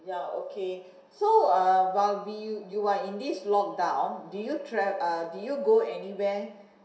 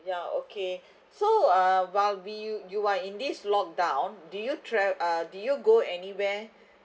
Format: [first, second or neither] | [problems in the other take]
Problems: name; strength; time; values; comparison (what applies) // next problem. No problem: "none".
second | room echo; dies away in 0.7 s